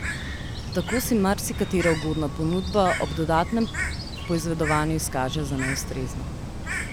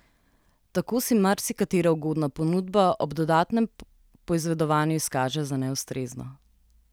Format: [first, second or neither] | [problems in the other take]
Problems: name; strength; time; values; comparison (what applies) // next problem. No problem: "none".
second | background sound (Bird); 5 dB below the speech